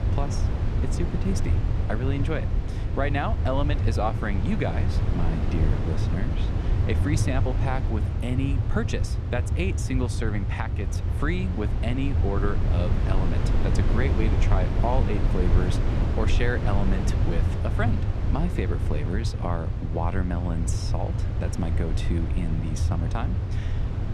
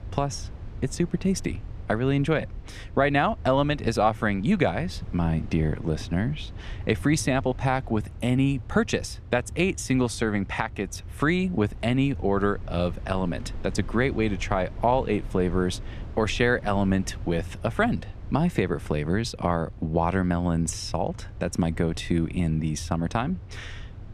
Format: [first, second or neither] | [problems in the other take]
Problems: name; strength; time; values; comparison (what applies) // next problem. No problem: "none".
second | low rumble; loud; throughout; 5 dB below the speech; faint in the second